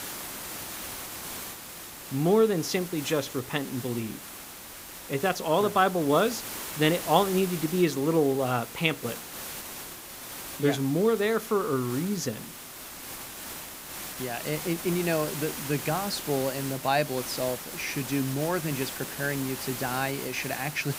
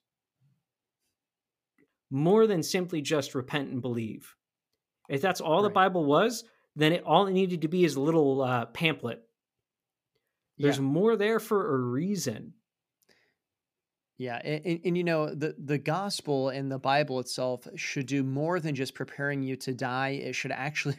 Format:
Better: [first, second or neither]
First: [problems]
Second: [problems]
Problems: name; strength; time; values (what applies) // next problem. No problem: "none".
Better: second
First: hiss; loud; throughout; 9 dB below the speech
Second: none